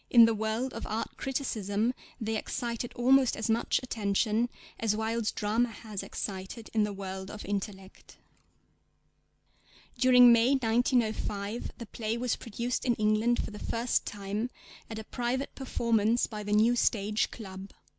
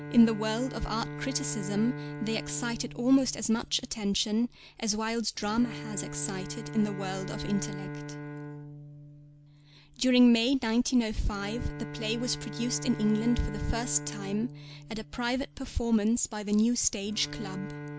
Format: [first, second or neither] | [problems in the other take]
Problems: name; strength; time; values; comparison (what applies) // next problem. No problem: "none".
first | background sound (Bowed string instrument); 11 dB below the speech